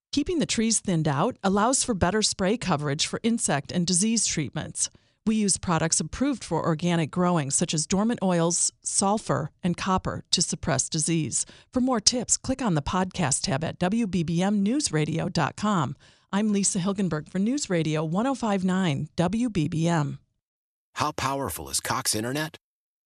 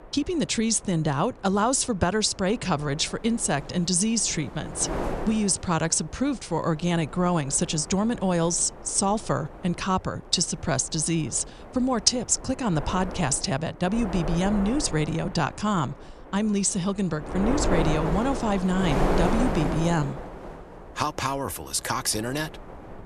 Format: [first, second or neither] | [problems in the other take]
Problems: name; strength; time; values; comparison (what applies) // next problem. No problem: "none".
first | wind noise on the microphone; heavy; 7 dB below the speech